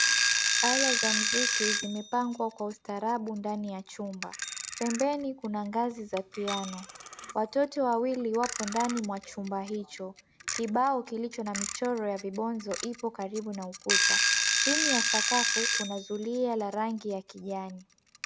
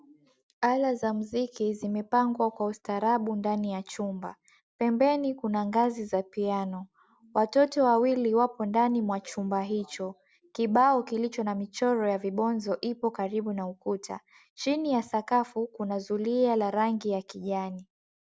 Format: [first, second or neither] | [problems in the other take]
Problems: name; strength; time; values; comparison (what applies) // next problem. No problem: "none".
second | background sound (Alarm / Clock); as loud as the speech